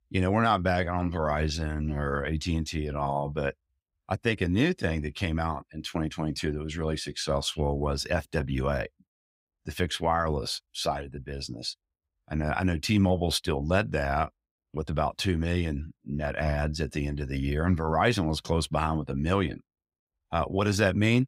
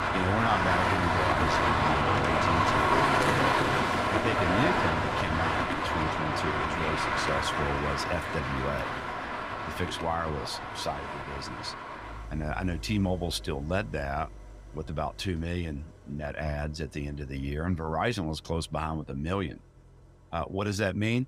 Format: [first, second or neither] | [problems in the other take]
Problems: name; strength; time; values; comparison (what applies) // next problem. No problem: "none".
first | traffic noise; very loud; throughout; 5 dB above the speech